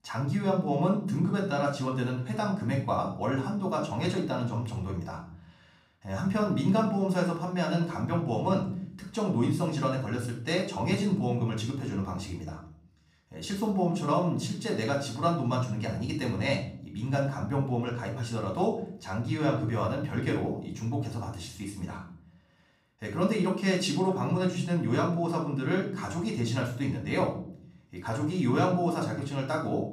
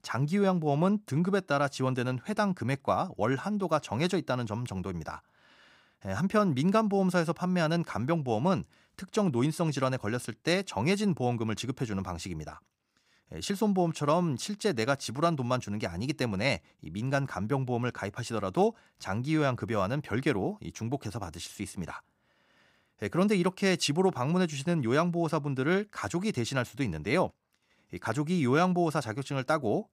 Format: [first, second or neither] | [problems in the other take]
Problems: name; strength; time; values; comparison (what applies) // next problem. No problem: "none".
second | off-mic speech; somewhat distant // room echo; slight; dies away in 0.6 s